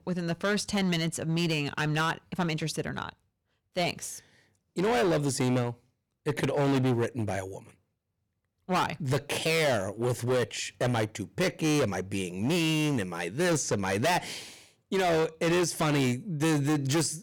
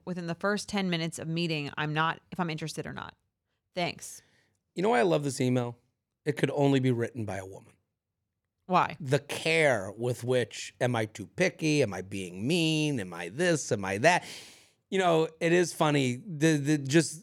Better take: second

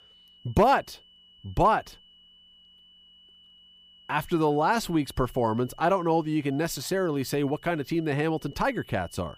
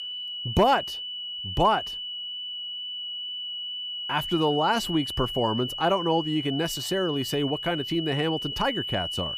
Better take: first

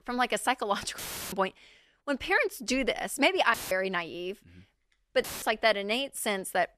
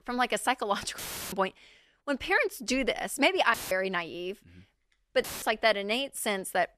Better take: neither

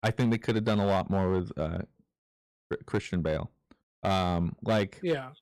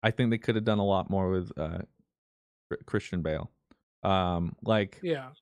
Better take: second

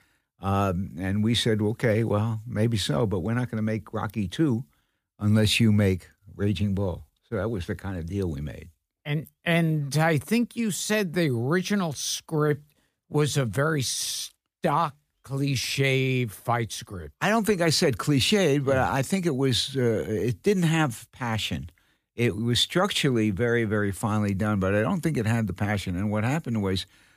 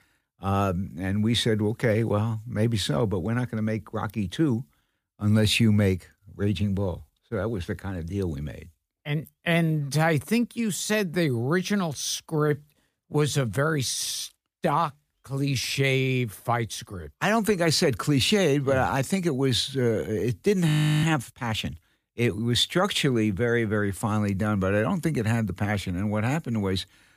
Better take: first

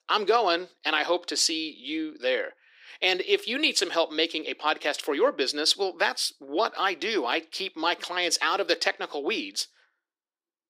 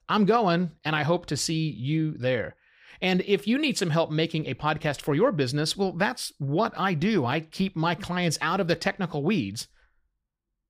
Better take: second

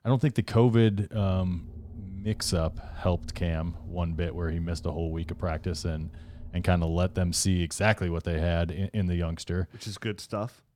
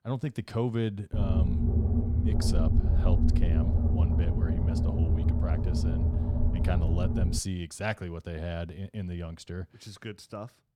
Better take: first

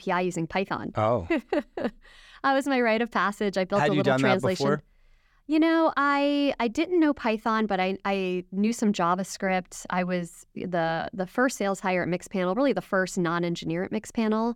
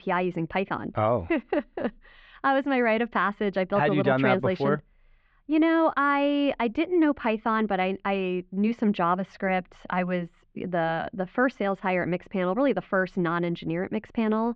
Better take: first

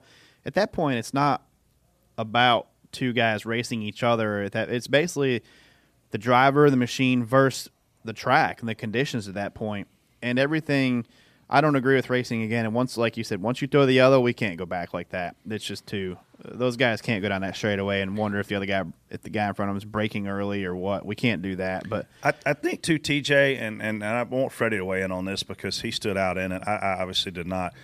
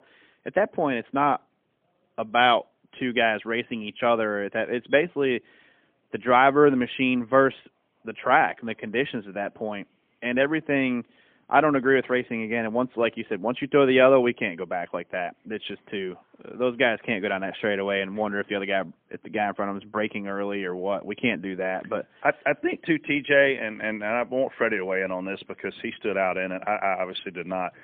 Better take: first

